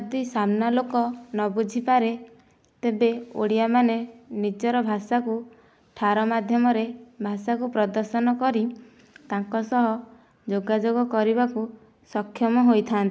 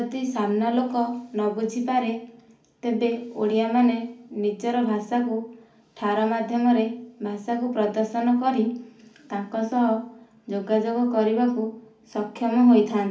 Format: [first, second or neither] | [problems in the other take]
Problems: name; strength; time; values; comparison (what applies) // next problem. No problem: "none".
first | room echo; dies away in 0.4 s